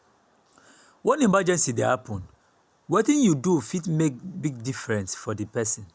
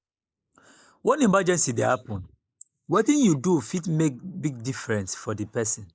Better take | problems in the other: first | noise reduction (neural mask model Resemble Enhance denoiser)

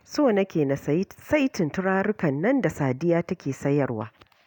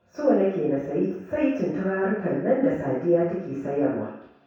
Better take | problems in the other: first | room echo; dies away in 0.7 s

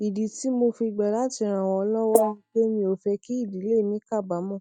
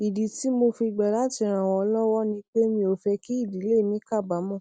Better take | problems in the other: second | noise reduction (neural mask model DeepFilterNet 3)

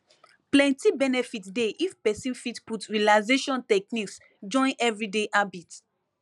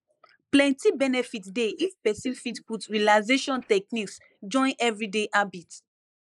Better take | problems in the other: first | noise reduction (neural mask model Resemble Enhance denoiser)

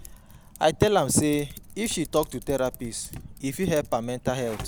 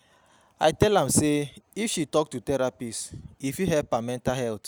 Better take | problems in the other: second | background sound (Typing); 16 dB below the speech

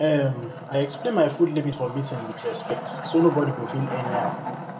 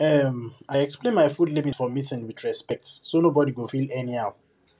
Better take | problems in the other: second | background sound (Wood); 9 dB below the speech // room echo; dies away in 0.8 s

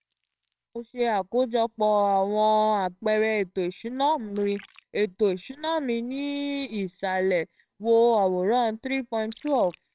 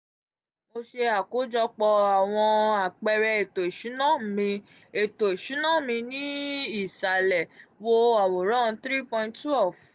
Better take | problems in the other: second | noise reduction (neural separator model SepFormer WHAMR!)

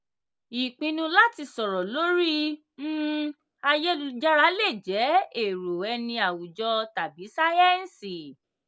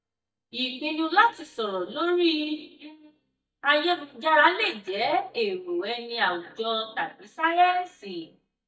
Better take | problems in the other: first | noise reduction (neural mask model DeepFilterNet 3)

